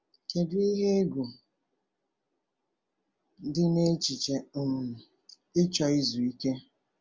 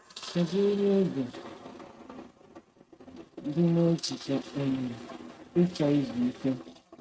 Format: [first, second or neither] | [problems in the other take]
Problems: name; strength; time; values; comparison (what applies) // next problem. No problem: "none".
first | noise reduction (neural mask model RNNoise)